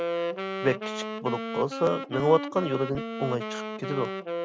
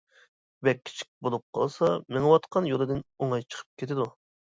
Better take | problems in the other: second | background sound (Wind instrument, woodwind instrument); 4 dB below the speech

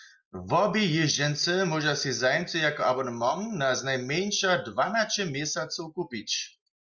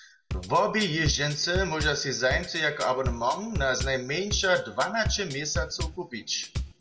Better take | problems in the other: first | background sound (Bass drum / Drum kit); 7 dB below the speech // room echo; dies away in 0.5 s

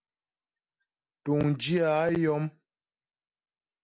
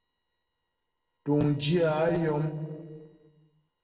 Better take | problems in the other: first | noise reduction (neural separator model SepFormer DNS4)

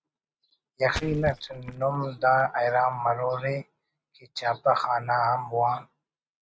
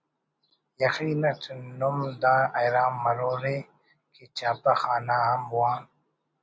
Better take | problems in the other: second | noise reduction (neural mask model RNNoise)

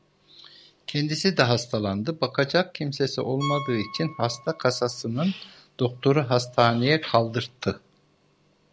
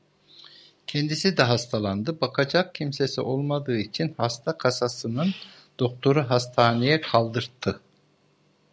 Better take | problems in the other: second | background sound (Piano); 18 dB below the speech

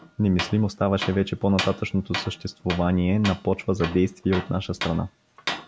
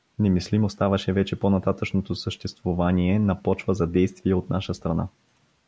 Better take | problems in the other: second | background sound (Tools); 11 dB below the speech

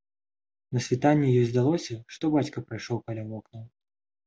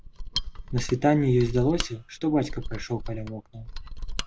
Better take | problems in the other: first | background sound (Mechanisms); 7 dB below the speech

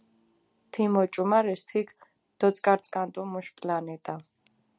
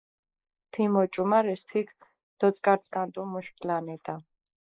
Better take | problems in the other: first | noise reduction (neural mask model Resemble Enhance denoiser)

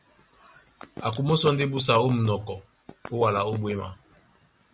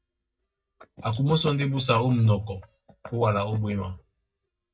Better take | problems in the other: first | noise reduction (neural mask model DeepFilterNet 3)

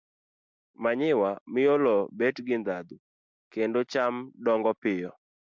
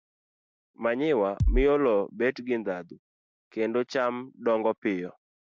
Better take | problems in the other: first | background sound (Bass drum); 3 dB above the speech

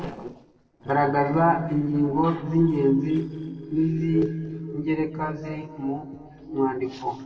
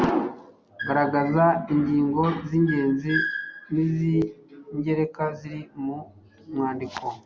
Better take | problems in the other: second | noise reduction (neural separator model SepFormer DNS4)

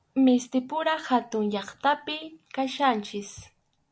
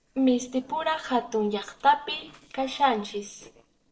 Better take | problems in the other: first | noise reduction (neural separator model SepFormer DNS4)

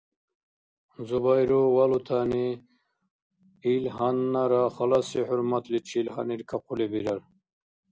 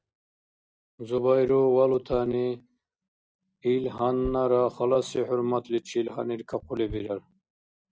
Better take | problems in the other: first | noise reduction (neural mask model DeepFilterNet 3)

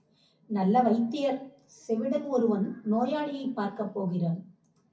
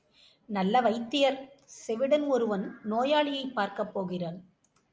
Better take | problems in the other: second | room echo; dies away in 0.3 s

